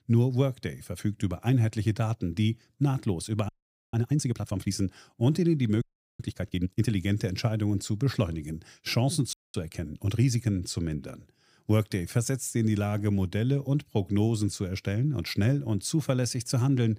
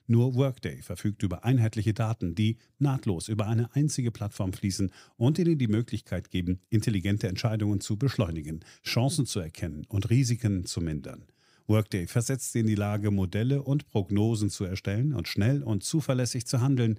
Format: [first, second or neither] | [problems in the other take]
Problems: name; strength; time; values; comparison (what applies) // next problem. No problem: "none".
second | audio freezing; at 3.5 s, at 6 s and at 9.5 s